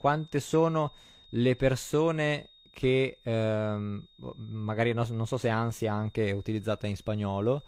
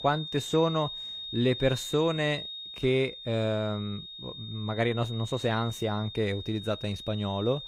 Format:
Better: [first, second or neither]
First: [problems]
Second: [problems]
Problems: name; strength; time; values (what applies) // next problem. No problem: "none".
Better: first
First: high-pitched whine; faint; throughout; 3.5 kHz, 25 dB below the speech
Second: high-pitched whine; loud; throughout; 3.5 kHz, 9 dB below the speech